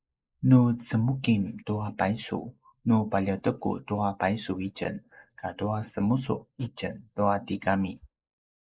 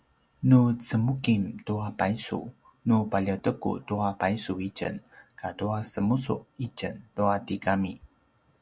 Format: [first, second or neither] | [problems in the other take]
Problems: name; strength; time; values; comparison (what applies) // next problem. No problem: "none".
second | noise reduction (neural mask model Resemble Enhance denoiser)